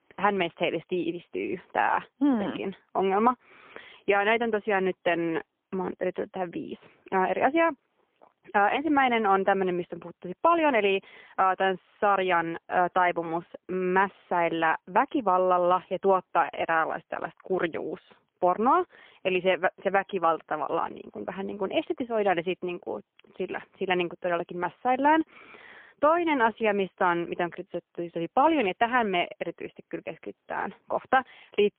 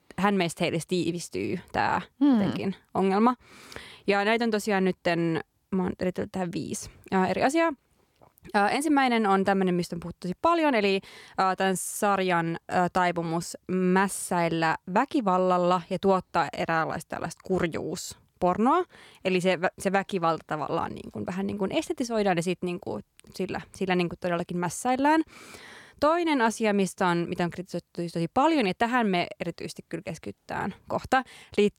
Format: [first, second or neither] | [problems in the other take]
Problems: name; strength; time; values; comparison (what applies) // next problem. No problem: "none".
second | phone-call audio; poor line; nothing above 3 kHz